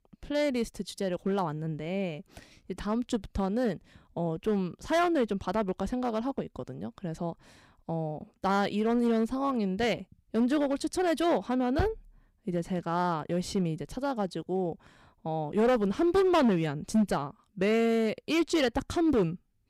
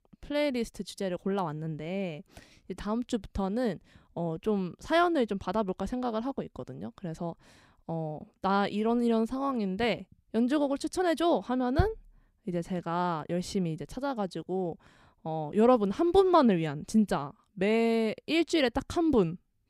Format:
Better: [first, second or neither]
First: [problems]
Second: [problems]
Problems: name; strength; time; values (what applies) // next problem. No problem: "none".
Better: second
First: distortion; slight; 4% of the sound clipped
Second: none